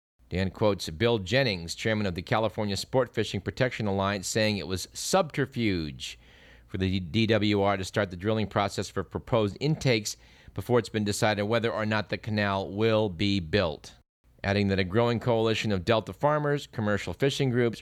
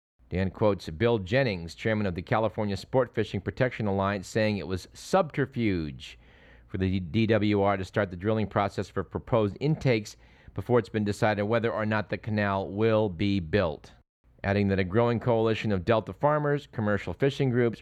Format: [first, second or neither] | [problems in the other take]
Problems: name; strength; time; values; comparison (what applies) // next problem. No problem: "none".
first | muffled; slightly; fading above 3 kHz